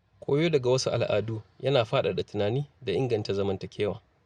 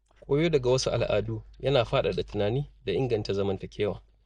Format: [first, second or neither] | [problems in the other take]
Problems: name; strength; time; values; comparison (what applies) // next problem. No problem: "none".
first | noise reduction (neural mask model DeepFilterNet 3)